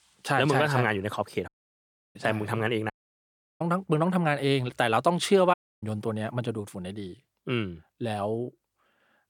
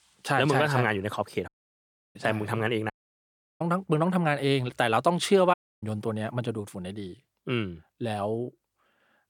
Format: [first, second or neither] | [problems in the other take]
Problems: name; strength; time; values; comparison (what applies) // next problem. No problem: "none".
neither | audio cutting out; at 1.5 s for 0.5 s, at 3 s for 0.5 s and at 5.5 s; the same in both